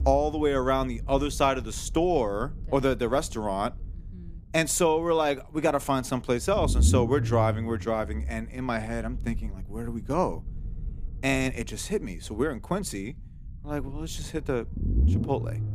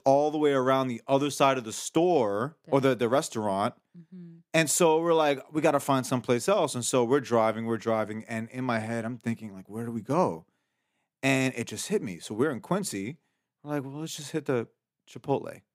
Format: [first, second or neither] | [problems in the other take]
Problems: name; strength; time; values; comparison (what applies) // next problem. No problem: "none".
second | low rumble; noticeable; throughout; 20 dB below the speech